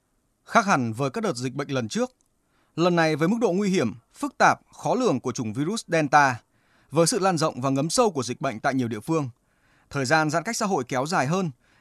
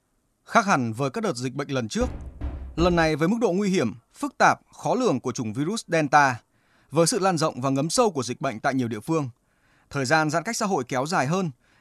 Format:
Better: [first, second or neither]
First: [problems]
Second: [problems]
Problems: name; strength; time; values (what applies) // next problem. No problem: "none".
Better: first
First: none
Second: door banging; faint; from 2 to 3 s; peak 10 dB below the speech